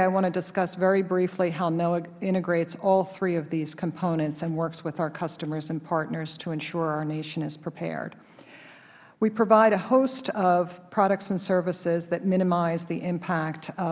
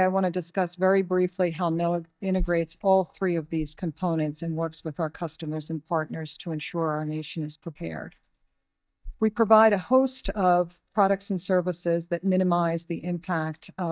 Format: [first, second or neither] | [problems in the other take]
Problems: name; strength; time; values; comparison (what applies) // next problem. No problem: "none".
first | noise reduction (neural mask model DeepFilterNet 3)